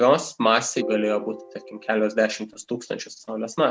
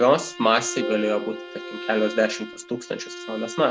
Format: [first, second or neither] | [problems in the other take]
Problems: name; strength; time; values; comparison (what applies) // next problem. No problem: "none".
first | background sound (Bowed string instrument); 12 dB below the speech